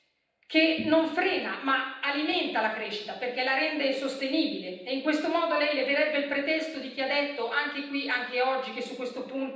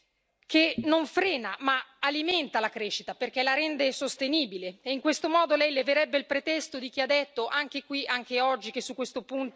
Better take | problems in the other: second | room echo; dies away in 0.9 s

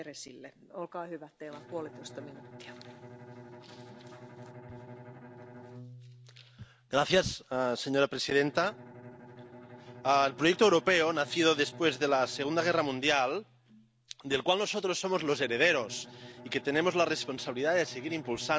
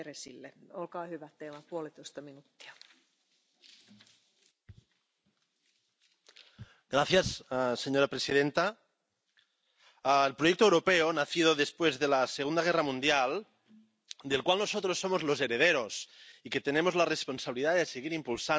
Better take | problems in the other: second | background sound (Bowed string instrument); 19 dB below the speech

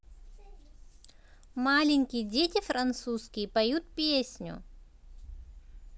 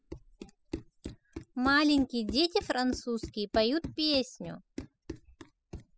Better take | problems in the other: first | noise reduction (classical method spectral subtraction)

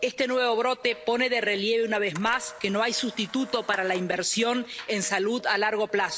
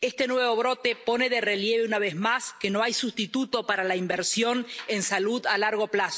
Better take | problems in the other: second | background sound (Camera + Telephone); 19 dB below the speech

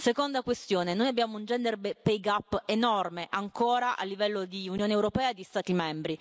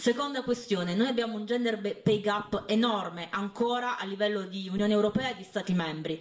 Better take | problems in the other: first | room echo; dies away in 0.5 s

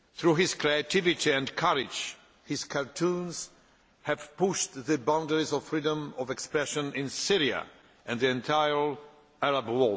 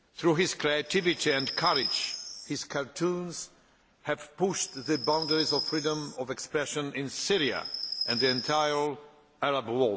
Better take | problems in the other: first | background sound (Chirp, tweet); 5 dB below the speech

